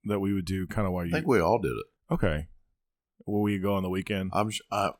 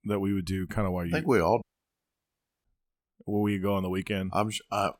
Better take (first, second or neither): first